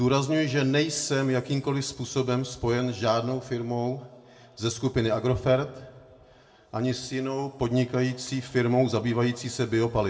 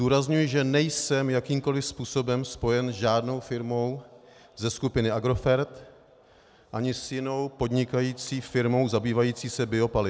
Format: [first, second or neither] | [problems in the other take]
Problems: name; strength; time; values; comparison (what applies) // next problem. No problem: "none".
second | room echo; dies away in 0.7 s